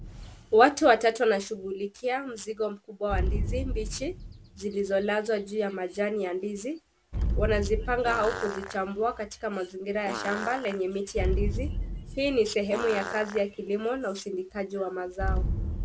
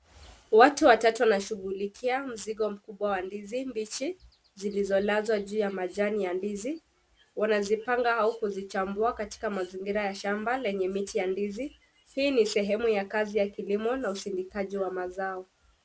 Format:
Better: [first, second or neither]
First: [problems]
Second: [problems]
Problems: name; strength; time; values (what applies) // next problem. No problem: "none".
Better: second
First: background sound (Explosion + Fart); 5 dB below the speech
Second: none